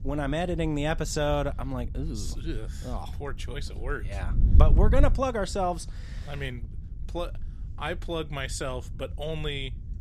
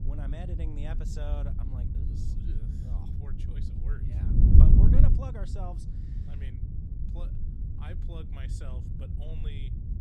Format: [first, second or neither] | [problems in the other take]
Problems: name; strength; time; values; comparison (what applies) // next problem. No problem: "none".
first | wind noise on the microphone; heavy; 4 dB above the speech; occasional gusts in the first